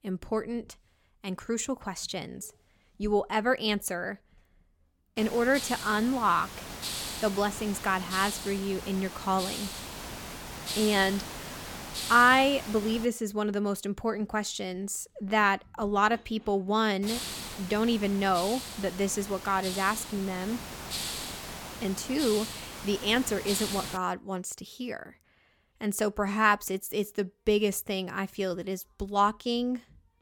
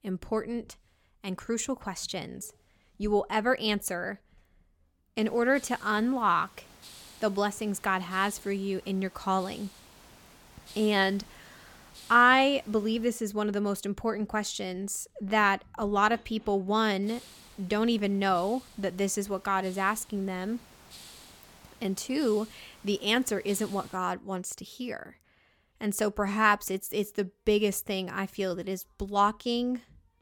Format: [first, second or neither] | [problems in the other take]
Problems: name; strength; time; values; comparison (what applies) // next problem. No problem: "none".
second | hiss; loud; from 5 to 13 s and from 17 to 24 s; 8 dB below the speech; faint in the second